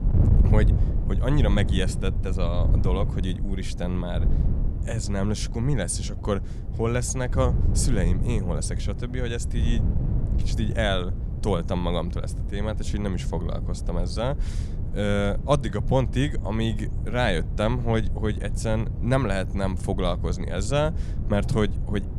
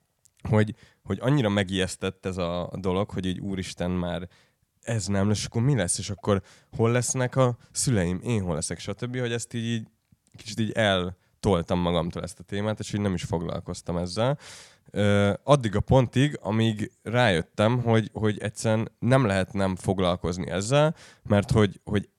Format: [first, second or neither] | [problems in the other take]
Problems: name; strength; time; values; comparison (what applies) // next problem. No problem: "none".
second | wind noise on the microphone; occasional gusts; 10 dB below the speech